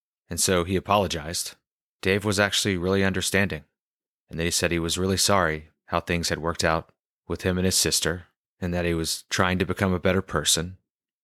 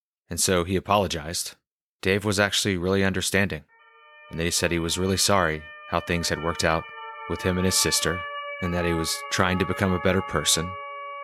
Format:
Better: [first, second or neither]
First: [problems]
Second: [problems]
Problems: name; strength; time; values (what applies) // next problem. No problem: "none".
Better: first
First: none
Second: siren; noticeable; from 4 s on; peak 8 dB below the speech